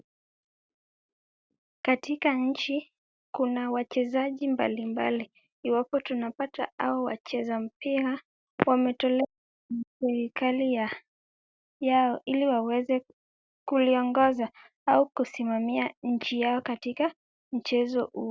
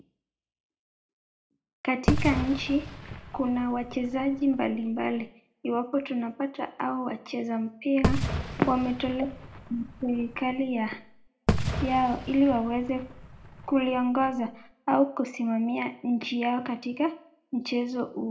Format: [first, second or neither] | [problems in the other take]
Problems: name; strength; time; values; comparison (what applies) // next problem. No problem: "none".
first | background sound (Fireworks); 4 dB below the speech // room echo; dies away in 0.3 s